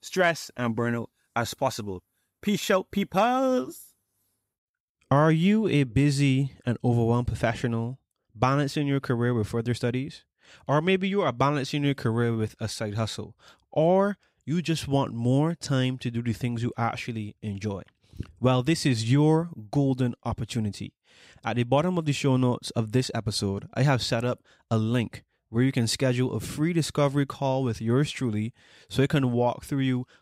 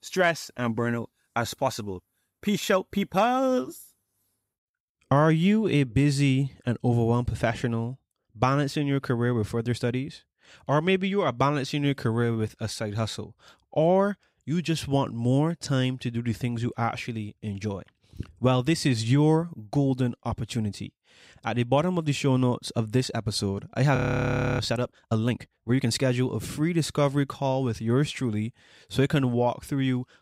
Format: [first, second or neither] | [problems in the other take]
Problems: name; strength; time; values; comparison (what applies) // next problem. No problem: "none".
first | audio freezing; at 24 s for 0.5 s